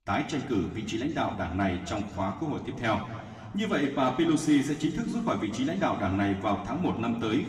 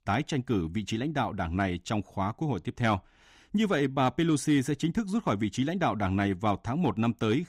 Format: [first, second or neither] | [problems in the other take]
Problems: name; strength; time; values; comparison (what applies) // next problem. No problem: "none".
second | room echo; slight; dies away in 2 s // off-mic speech; somewhat distant